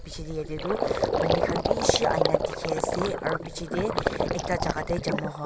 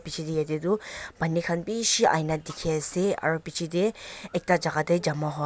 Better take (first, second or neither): second